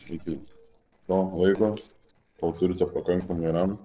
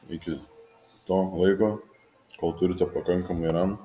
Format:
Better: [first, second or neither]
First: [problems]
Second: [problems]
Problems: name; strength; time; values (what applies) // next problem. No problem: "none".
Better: second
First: noise reduction (neural separator model SepFormer DNS4)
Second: none